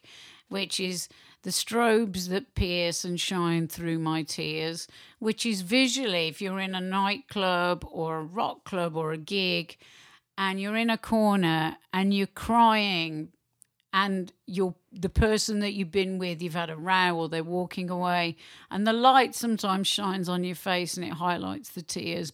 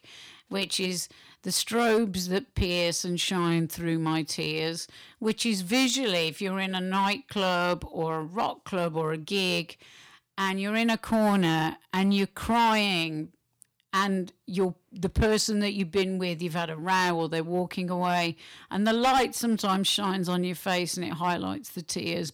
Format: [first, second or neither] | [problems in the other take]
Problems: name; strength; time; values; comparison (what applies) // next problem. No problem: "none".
first | distortion; slight; 4% of the sound clipped